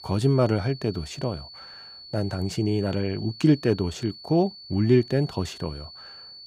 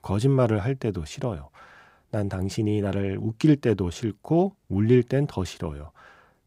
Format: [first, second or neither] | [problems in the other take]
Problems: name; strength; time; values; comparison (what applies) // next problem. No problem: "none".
second | high-pitched whine; noticeable; throughout; 4.5 kHz, 15 dB below the speech